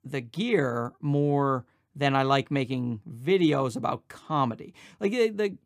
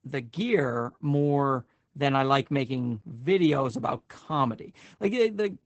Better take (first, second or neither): first